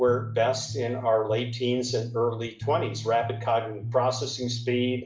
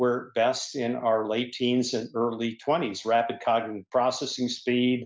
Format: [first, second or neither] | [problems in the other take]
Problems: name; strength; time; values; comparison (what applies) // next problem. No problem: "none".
second | background sound (Bass guitar); 8 dB below the speech // room echo; dies away in 0.4 s